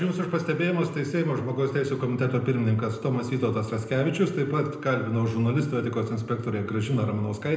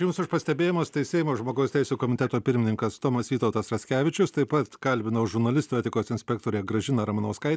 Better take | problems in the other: second | room echo; dies away in 0.8 s

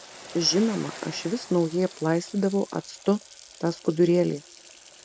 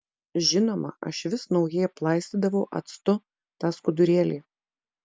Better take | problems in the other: second | background sound (Waves, surf + Water tap, faucet); 18 dB below the speech

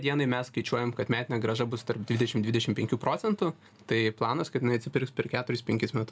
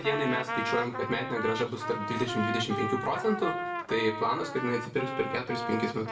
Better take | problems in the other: first | background sound (Trumpet); 4 dB below the speech // room echo; dies away in 0.6 s

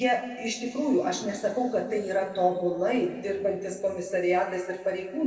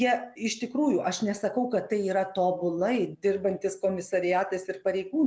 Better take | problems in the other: second | room echo; dies away in 1.9 s

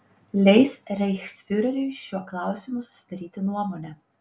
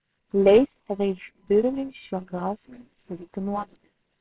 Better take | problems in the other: first | noise reduction (neural separator model SepFormer WHAMR!)

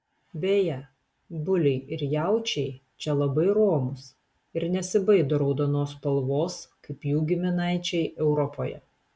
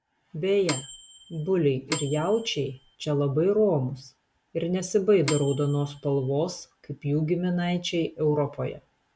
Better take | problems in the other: first | background sound (Microwave oven / Bell); 11 dB below the speech

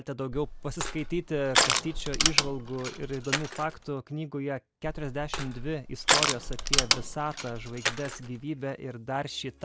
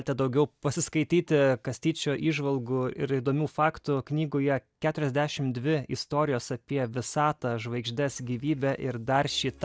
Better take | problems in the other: second | background sound (Crushing); 4 dB above the speech

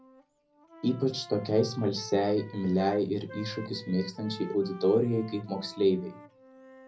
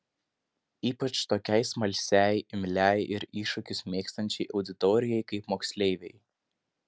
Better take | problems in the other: second | background sound (Wind instrument, woodwind instrument); 18 dB below the speech // room echo; dies away in 0.4 s

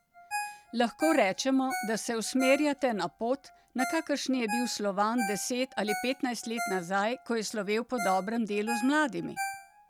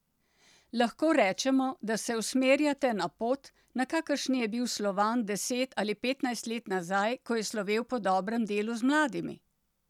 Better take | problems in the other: second | background sound (Ringtone); 10 dB below the speech

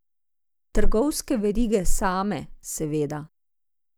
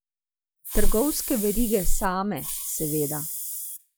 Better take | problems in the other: first | noise reduction (classical method log-MMSE)

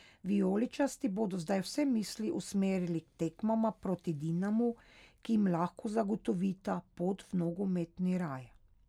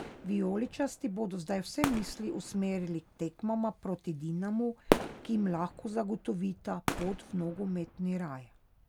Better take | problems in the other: first | background sound (Fireworks); 6 dB below the speech

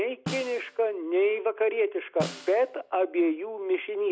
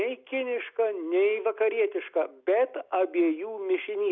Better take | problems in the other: second | background sound (Snare drum); 15 dB below the speech

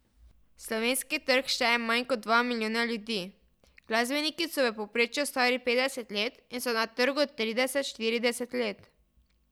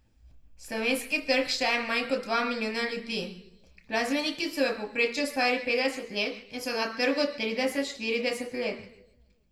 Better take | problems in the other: first | room echo; dies away in 0.7 s

